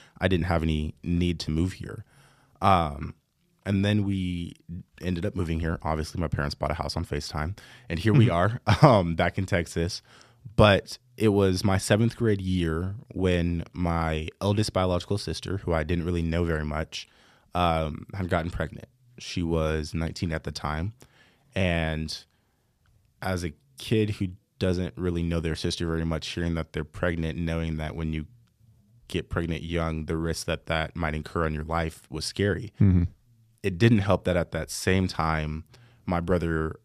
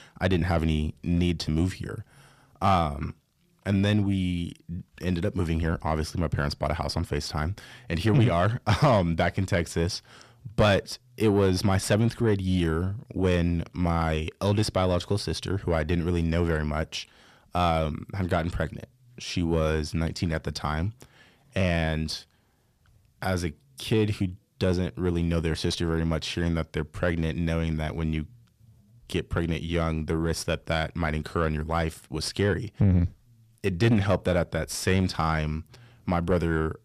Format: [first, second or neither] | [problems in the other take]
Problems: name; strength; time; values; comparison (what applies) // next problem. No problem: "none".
first | distortion; slight; 10 dB below the speech